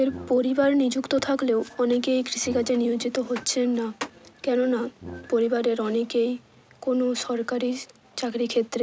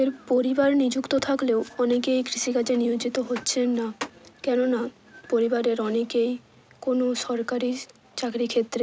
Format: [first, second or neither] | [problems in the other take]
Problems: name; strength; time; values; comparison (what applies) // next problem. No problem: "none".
second | background sound (Brass instrument); 20 dB below the speech